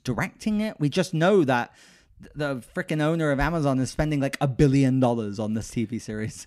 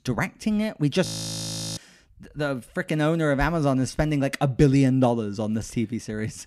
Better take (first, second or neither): first